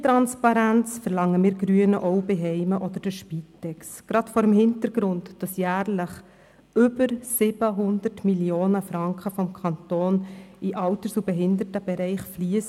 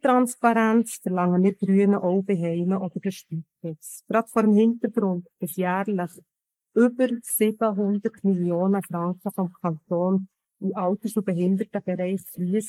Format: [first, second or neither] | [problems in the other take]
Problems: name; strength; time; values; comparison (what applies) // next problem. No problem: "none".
first | noise reduction (neural mask model Resemble Enhance denoiser)